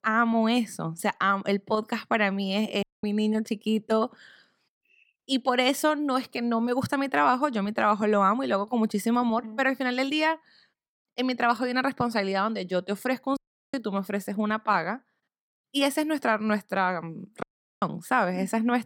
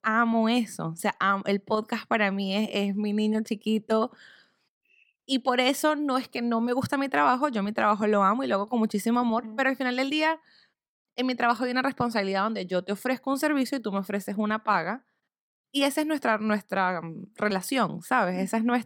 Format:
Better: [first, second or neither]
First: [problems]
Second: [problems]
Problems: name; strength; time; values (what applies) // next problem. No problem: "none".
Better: second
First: audio cutting out; at 3 s, at 13 s and at 17 s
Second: none